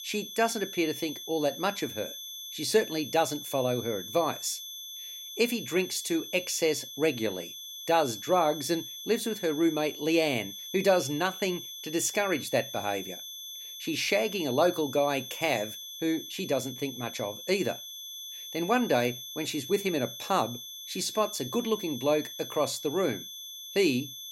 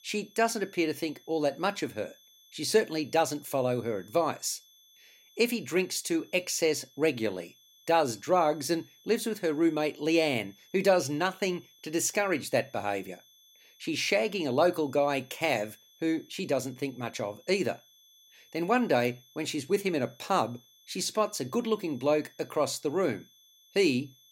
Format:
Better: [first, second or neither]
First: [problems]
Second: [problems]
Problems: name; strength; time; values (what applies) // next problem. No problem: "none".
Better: second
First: high-pitched whine; loud; throughout; 3.5 kHz, 10 dB below the speech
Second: high-pitched whine; faint; throughout; 3.5 kHz, 30 dB below the speech